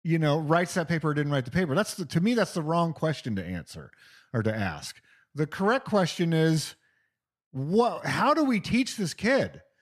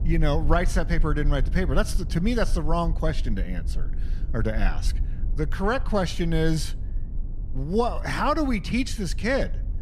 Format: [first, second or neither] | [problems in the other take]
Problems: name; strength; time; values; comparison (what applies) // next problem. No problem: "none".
first | low rumble; faint; throughout; 20 dB below the speech